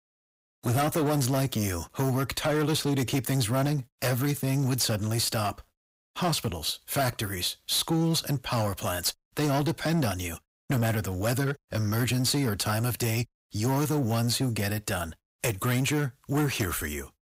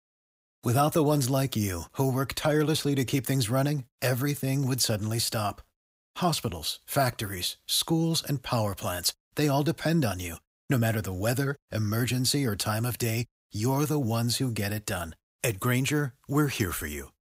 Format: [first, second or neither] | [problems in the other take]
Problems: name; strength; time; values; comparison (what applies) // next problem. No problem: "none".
second | distortion; slight; 12% of the sound clipped